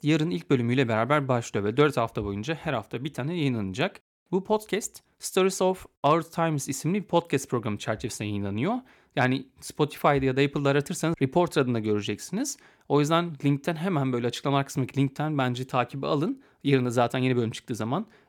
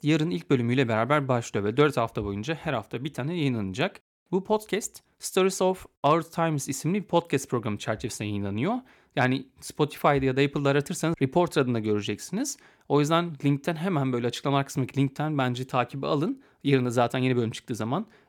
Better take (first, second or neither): neither